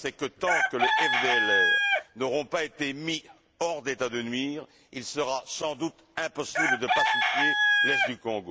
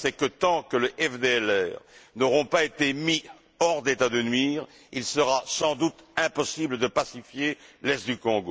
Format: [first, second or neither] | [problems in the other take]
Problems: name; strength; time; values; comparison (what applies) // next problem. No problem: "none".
second | background sound (Chicken, rooster); 3 dB above the speech